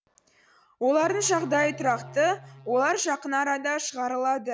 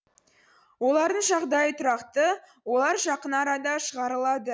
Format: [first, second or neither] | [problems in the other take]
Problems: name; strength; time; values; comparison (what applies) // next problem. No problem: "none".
second | background sound (Musical instrument); 17 dB below the speech